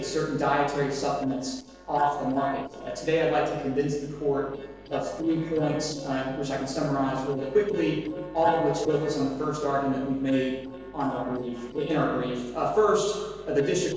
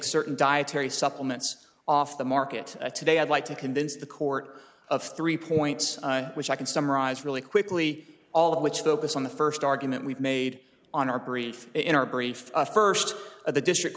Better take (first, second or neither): second